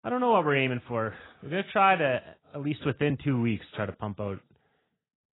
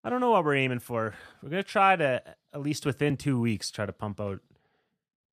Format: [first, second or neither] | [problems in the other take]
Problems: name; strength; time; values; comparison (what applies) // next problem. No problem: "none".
second | garbled, watery; badly